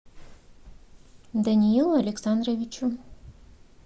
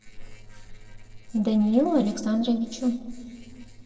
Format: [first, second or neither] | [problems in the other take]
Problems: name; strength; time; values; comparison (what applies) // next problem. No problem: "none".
first | noise reduction (neural separator model SepFormer DNS4)